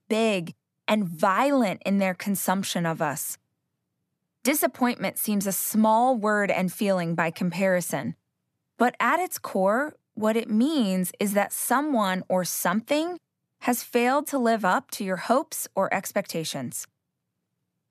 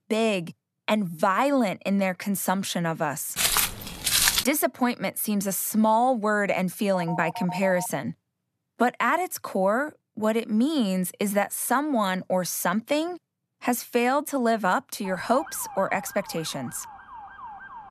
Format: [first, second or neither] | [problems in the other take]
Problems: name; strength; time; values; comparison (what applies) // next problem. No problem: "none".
first | footsteps; loud; from 3.5 to 4.5 s; peak 6 dB above the speech // phone ringing; noticeable; at 7 s; peak 9 dB below the speech // siren; faint; from 15 s on; peak 10 dB below the speech